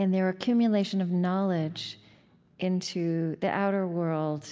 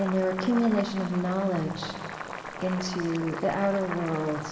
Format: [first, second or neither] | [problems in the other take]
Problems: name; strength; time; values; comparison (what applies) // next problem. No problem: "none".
first | background sound (Boiling); 10 dB below the speech // room echo; dies away in 1.9 s